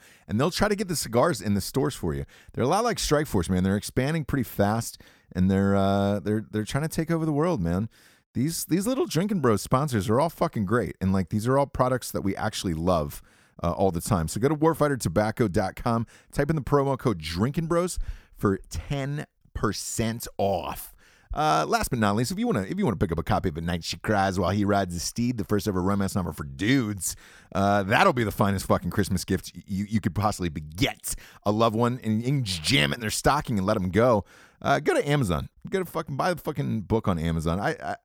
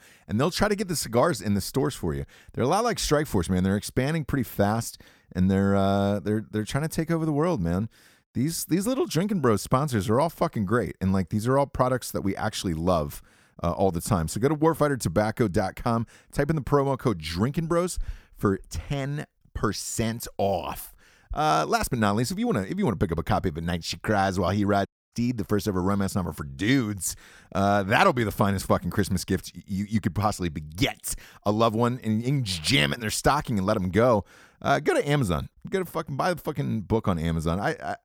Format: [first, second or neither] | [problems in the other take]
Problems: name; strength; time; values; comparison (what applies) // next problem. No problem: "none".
first | audio cutting out; at 25 s